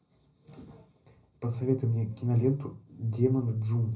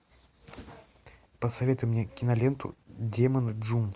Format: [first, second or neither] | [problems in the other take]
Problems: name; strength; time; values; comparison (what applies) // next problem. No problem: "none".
second | room echo; dies away in 0.4 s